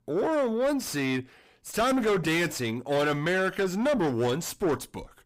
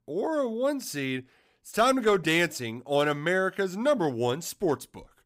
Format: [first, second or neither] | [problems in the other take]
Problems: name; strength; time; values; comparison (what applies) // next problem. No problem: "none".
second | distortion; heavy; 7 dB below the speech